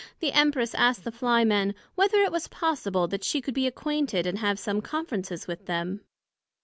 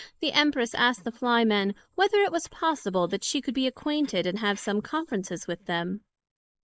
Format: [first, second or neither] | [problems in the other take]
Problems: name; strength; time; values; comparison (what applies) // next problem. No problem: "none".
first | noise reduction (neural mask model Resemble Enhance denoiser)